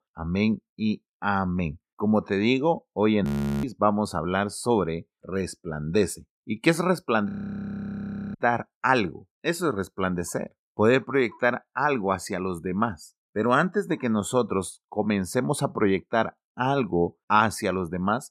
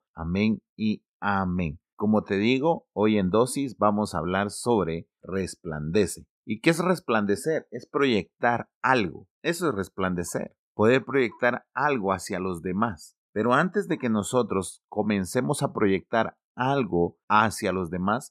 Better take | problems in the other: second | audio freezing; at 3.5 s and at 7.5 s for 1 s

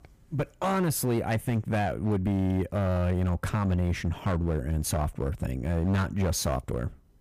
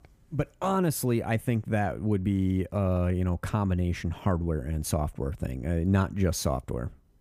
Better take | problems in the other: second | distortion; slight; 11% of the sound clipped

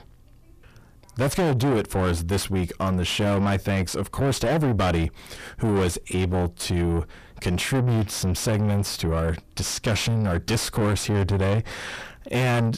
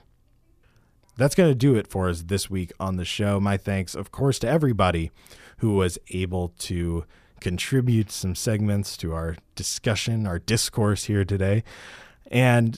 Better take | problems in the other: second | distortion; heavy; 5 dB below the speech

